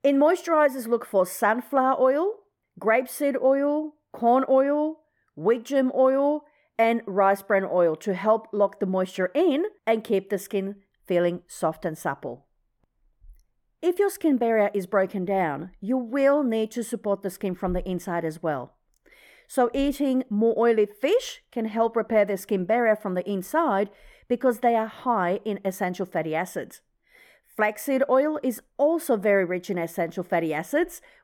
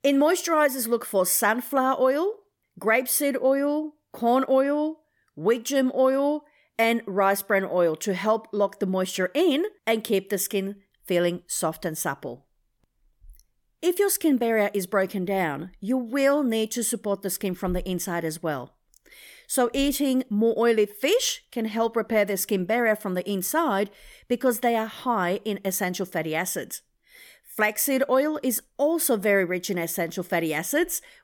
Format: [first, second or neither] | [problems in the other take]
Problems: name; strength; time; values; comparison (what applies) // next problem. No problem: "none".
second | muffled; slightly; fading above 3 kHz